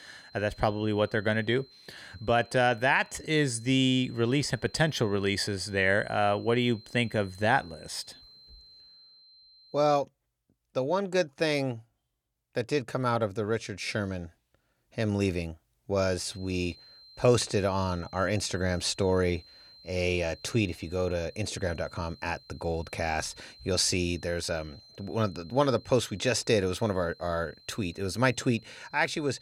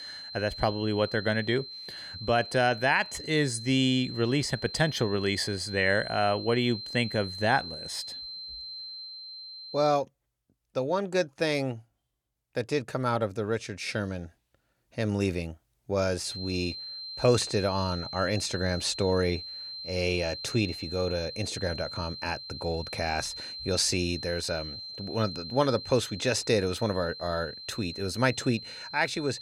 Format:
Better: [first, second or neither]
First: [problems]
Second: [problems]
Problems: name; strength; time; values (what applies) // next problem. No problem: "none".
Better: first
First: high-pitched whine; faint; until 10 s and from 16 s on; 4 kHz, 25 dB below the speech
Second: high-pitched whine; loud; until 10 s and from 16 s on; 4 kHz, 9 dB below the speech